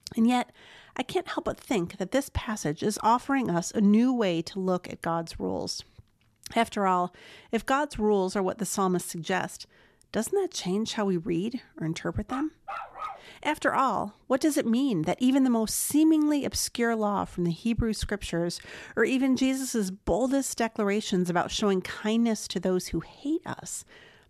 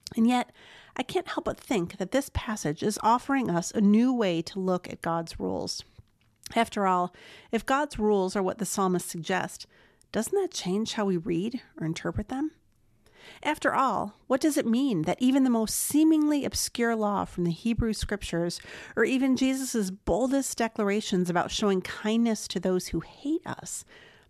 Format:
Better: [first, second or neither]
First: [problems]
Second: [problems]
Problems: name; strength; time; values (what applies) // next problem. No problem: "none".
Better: second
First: dog barking; noticeable; at 12 s; peak 9 dB below the speech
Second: none